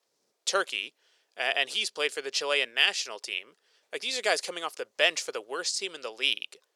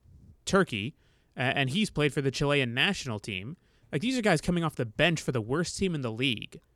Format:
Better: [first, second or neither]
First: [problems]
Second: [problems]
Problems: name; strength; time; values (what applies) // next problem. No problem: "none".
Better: second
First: thin; very; fading below 500 Hz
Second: none